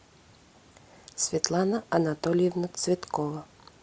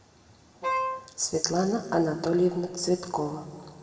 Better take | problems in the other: first | background sound (Wind instrument, woodwind instrument); 2 dB below the speech // room echo; dies away in 1.7 s

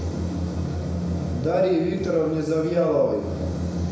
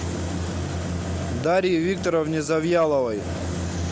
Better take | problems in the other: second | room echo; dies away in 1 s

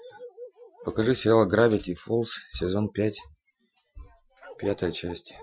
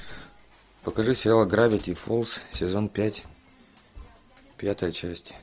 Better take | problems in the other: second | noise reduction (classical method Wiener filter)

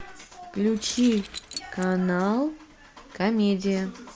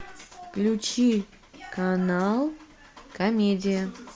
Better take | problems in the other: second | background sound (Keys jangling); 14 dB below the speech

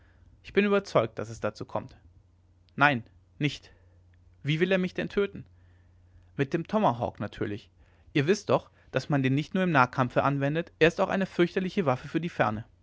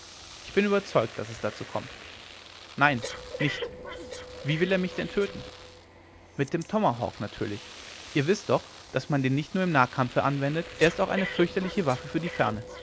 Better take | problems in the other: first | background sound (Domestic sounds, home sounds + Breathing); 12 dB below the speech

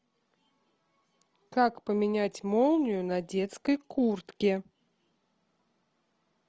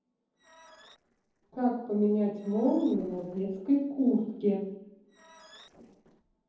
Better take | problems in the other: first | noise reduction (neural separator model SepFormer DNS4)

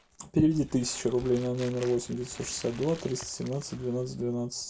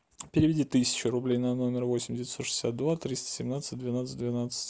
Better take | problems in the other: second | background sound (Crumpling, crinkling); 19 dB below the speech // room echo; dies away in 0.1 s

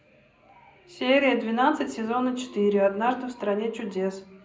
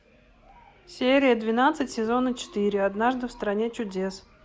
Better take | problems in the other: second | room echo; dies away in 0.4 s

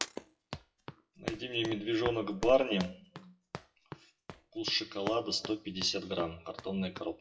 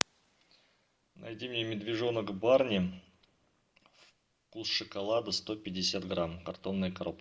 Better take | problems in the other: second | noise reduction (classical method WPE with log-MMSE)

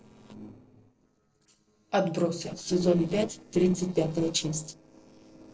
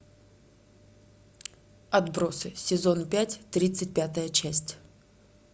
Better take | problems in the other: second | noise reduction (neural separator model SepFormer DNS4)

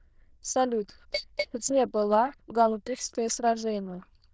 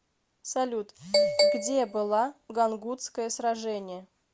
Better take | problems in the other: second | noise reduction (neural diffusion model UNIVERSE++)

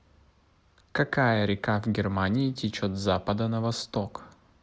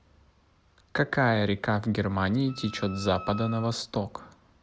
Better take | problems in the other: first | background sound (Wind instrument, woodwind instrument); 14 dB below the speech

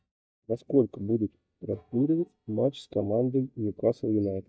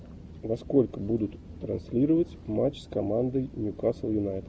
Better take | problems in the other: second | noise reduction (neural mask model DeepFilterNet 3)

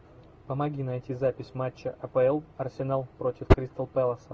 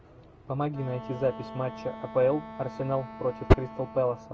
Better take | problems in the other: first | background sound (Wind instrument, woodwind instrument); 14 dB below the speech

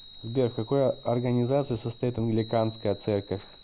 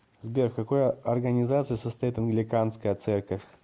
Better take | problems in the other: second | background sound (Chime); 19 dB below the speech

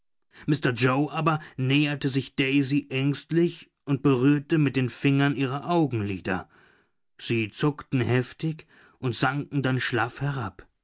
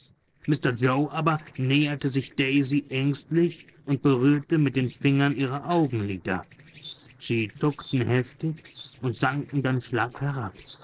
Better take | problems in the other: first | noise reduction (neural separator model SepFormer DNS4)

